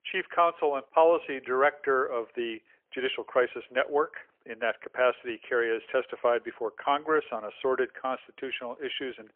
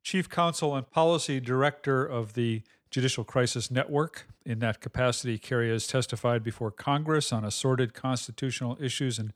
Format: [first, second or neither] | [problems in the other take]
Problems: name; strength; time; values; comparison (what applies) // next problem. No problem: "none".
second | phone-call audio; poor line; nothing above 3 kHz